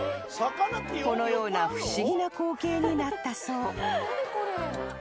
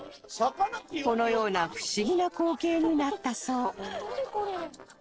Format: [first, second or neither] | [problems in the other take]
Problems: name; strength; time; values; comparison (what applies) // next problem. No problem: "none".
first | noise reduction (neural separator model SepFormer DNS4)